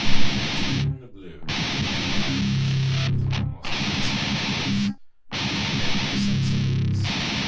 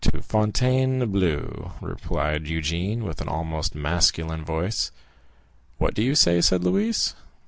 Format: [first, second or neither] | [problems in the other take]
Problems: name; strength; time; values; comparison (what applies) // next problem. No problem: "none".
second | background sound (Guitar); as loud as the speech // room echo; dies away in 0.1 s